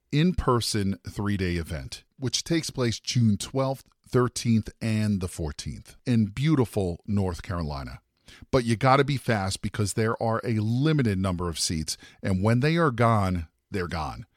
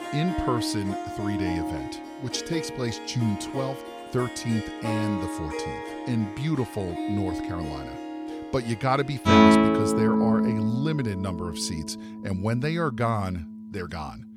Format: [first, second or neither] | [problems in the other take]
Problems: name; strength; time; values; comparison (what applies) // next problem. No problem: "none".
first | background music; very loud; throughout; 2 dB above the speech